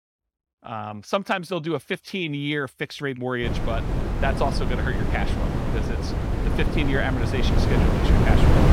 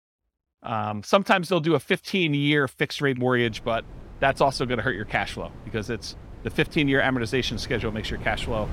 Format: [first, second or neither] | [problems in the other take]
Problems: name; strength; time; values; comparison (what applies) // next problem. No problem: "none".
second | wind noise on the microphone; heavy; from 3.5 s on; 2 dB below the speech; occasional gusts in the second